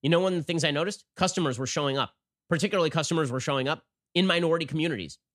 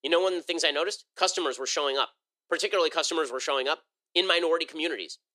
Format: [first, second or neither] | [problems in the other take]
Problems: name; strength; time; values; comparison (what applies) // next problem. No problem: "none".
first | thin; very; fading below 350 Hz